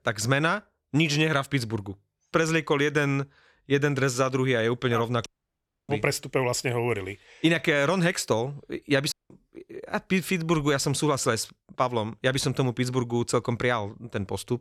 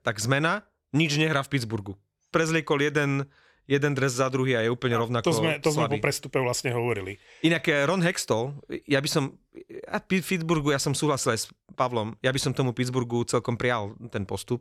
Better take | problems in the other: second | audio cutting out; at 5.5 s for 0.5 s and at 9 s

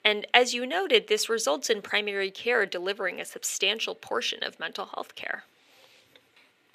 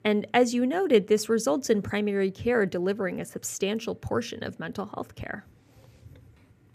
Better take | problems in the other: second | thin; somewhat; fading below 500 Hz

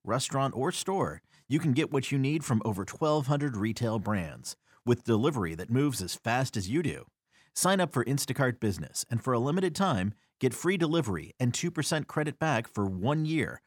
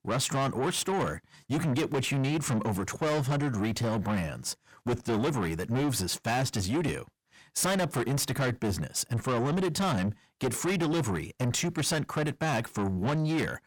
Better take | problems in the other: first | distortion; heavy; 7 dB below the speech

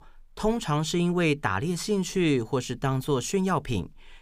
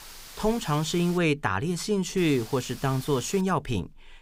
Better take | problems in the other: first | hiss; noticeable; until 1 s and from 2 to 3.5 s; 15 dB below the speech

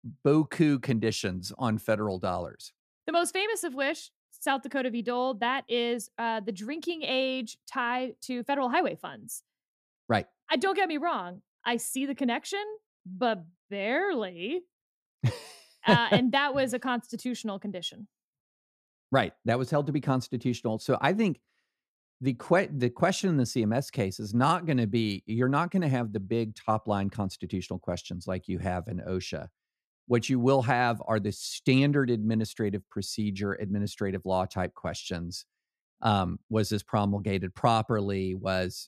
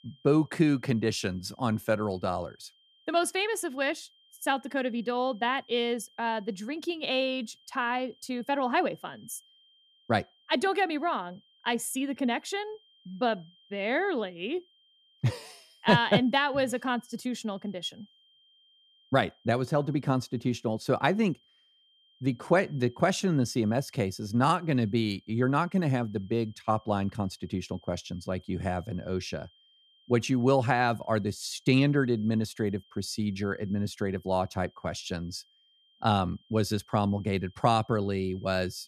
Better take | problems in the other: first | high-pitched whine; faint; throughout; 3 kHz, 30 dB below the speech

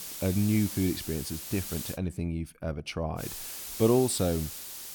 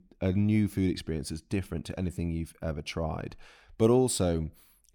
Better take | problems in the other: second | hiss; loud; until 2 s and from 3 s on; 8 dB below the speech

